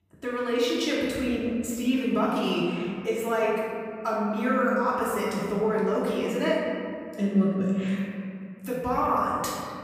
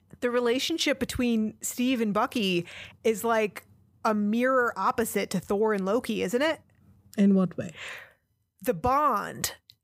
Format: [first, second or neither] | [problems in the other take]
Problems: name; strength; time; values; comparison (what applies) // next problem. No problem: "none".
second | off-mic speech; far // room echo; noticeable; dies away in 2.1 s